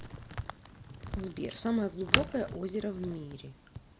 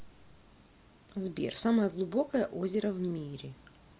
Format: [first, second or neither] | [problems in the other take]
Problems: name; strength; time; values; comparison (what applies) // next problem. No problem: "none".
second | background sound (Crack); 2 dB below the speech